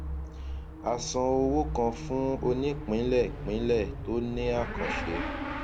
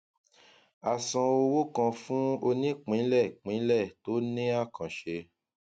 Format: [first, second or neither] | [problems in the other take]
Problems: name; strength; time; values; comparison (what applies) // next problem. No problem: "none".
second | background sound (Motorcycle / Accelerating, revving, vroom); 6 dB below the speech